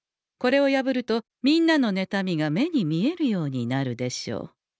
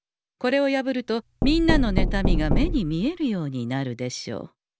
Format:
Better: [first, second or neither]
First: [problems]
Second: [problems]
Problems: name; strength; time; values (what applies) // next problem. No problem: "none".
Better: first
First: none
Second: background sound (Knock); 2 dB above the speech